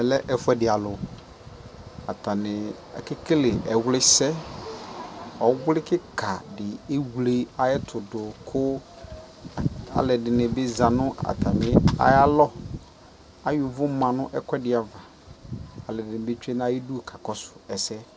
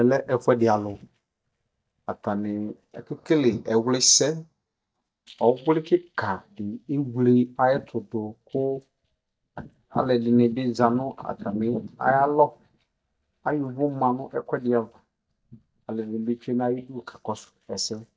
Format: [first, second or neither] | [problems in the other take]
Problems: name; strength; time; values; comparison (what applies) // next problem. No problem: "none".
first | noise reduction (neural mask model DeepFilterNet 3)